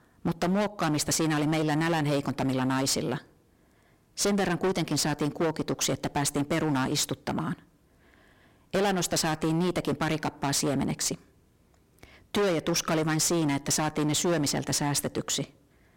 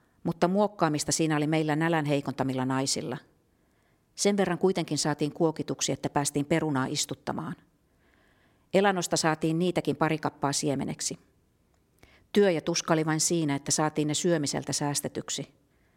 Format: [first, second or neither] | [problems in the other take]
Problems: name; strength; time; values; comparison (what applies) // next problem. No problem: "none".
second | distortion; heavy; 19% of the sound clipped